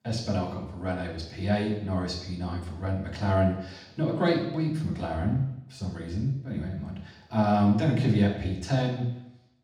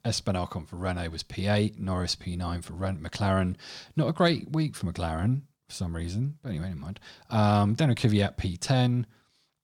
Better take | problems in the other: second | room echo; noticeable; dies away in 0.8 s // off-mic speech; far

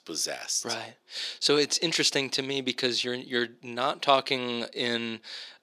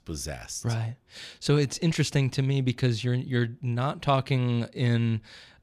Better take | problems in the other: second | thin; somewhat; fading below 350 Hz

